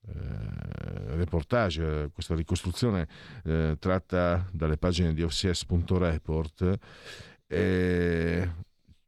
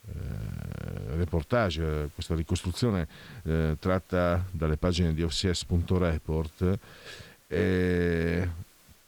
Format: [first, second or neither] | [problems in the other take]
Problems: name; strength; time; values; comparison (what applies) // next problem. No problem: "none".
first | hiss; faint; throughout; 30 dB below the speech